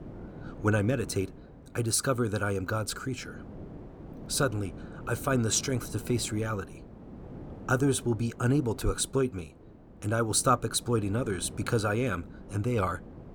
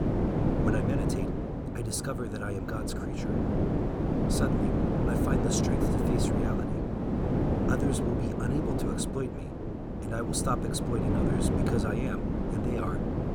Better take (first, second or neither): first